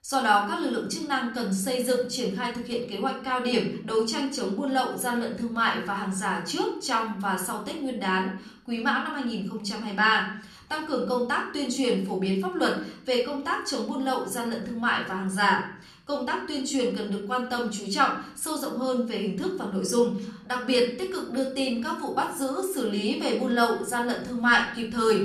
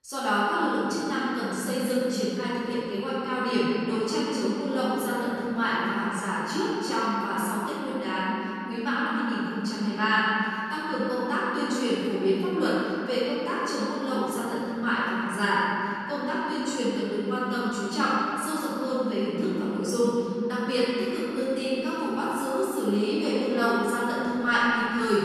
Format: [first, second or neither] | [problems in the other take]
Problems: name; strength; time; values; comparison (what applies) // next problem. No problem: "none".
first | room echo; strong; dies away in 2.7 s; slight in the first // off-mic speech; far; far in the first